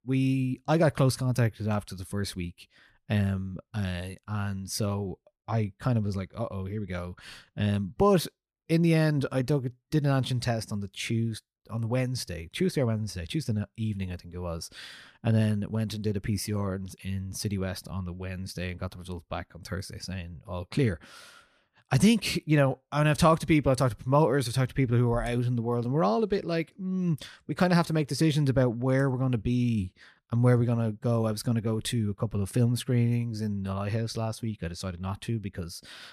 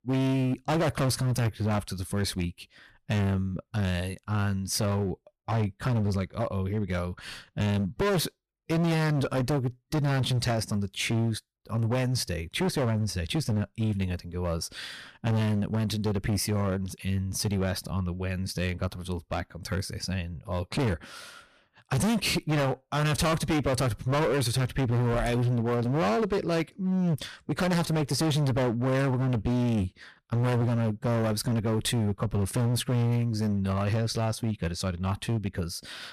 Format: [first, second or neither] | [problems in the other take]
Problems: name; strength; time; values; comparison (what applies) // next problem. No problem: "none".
first | distortion; heavy; 20% of the sound clipped